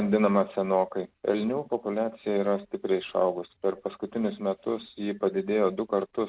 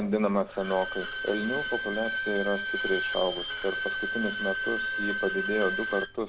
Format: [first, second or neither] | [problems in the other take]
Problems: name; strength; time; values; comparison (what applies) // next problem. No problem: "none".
first | background sound (Bowed string instrument); 2 dB below the speech